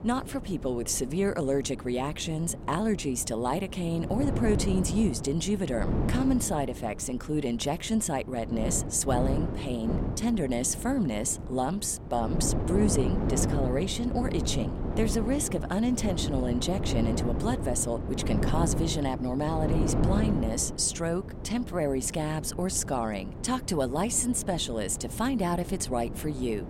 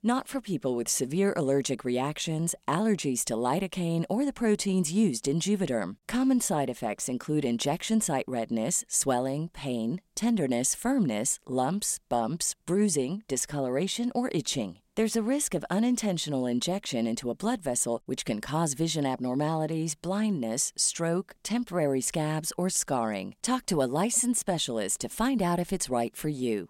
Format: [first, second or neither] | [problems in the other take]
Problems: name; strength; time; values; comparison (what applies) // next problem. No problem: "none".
second | wind noise on the microphone; heavy; 8 dB below the speech